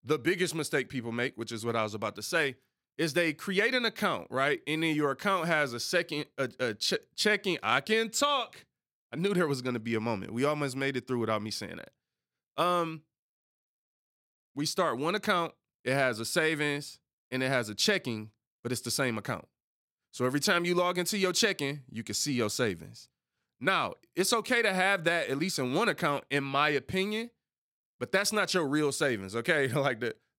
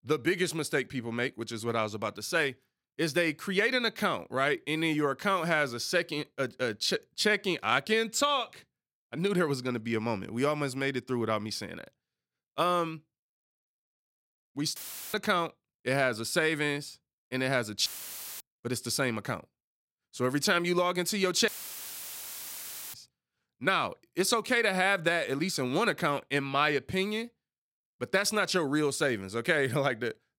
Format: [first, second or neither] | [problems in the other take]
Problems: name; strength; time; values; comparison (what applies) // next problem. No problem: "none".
first | audio cutting out; filled with static; at 15 s, at 18 s for 0.5 s and at 21 s for 1.5 s